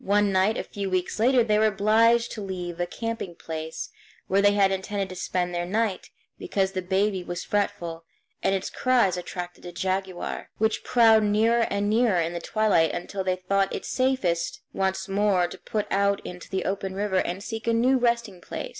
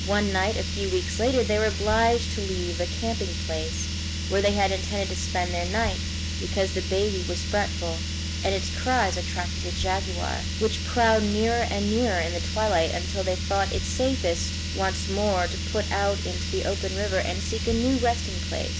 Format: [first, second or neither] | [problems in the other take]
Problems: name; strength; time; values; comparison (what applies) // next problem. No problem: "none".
first | background sound (Car); 2 dB below the speech